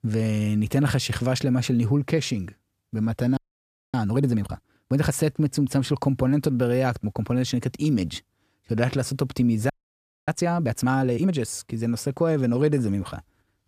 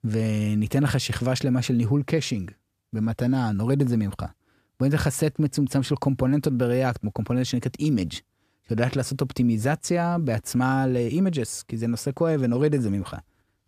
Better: second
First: audio freezing; at 3.5 s for 0.5 s and at 9.5 s for 0.5 s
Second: none

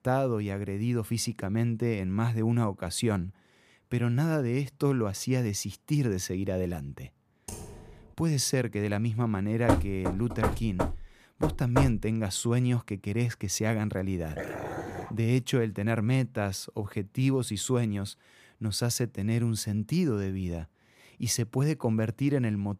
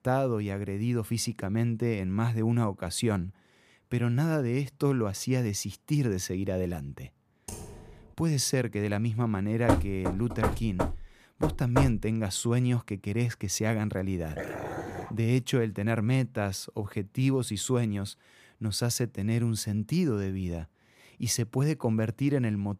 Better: neither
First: keyboard typing; faint; at 7.5 s; peak 15 dB below the speech // door banging; loud; from 9.5 to 12 s; peak 2 dB above the speech // dog barking; noticeable; at 14 s; peak 7 dB below the speech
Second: keyboard typing; faint; at 7.5 s; peak 15 dB below the speech // door banging; loud; from 9.5 to 12 s; peak 2 dB above the speech // dog barking; noticeable; at 14 s; peak 7 dB below the speech

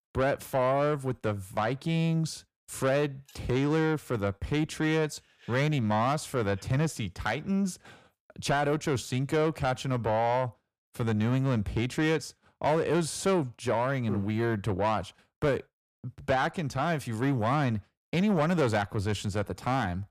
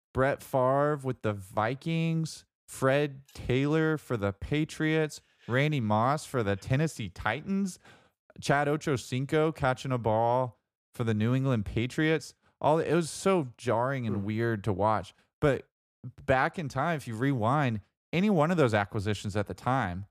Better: second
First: distortion; slight; 10 dB below the speech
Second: none

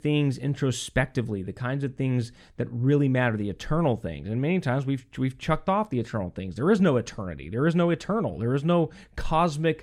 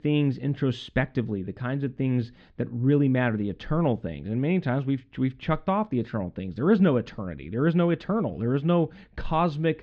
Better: first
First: none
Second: muffled; slightly; fading above 4 kHz

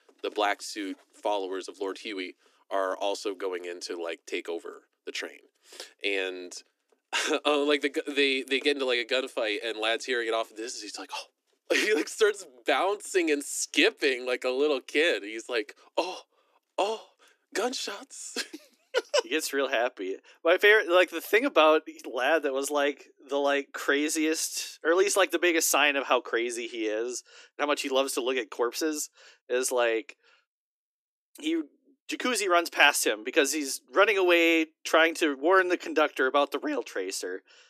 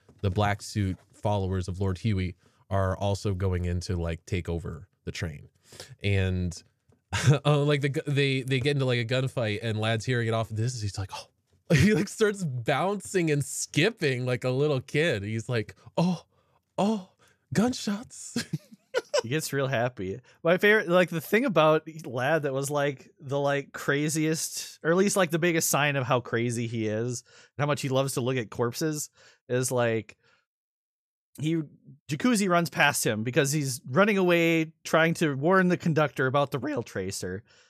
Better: second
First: thin; somewhat; fading below 300 Hz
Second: none

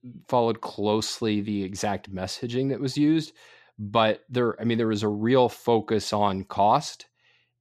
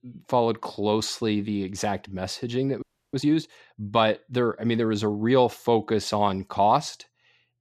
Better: first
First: none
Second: audio freezing; at 3 s

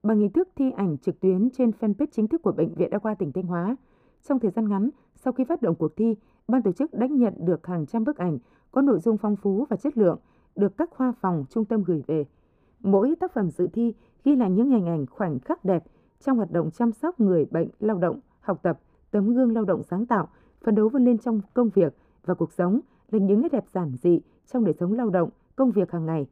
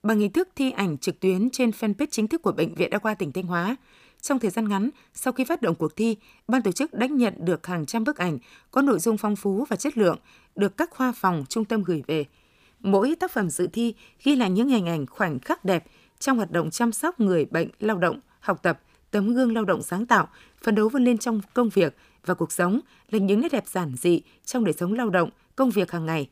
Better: second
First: muffled; very; fading above 1.5 kHz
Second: none

